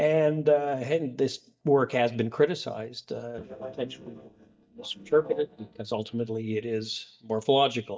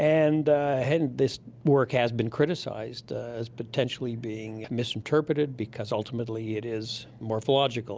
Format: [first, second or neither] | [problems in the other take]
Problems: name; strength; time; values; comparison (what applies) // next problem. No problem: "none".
second | noise reduction (neural mask model DeepFilterNet 3)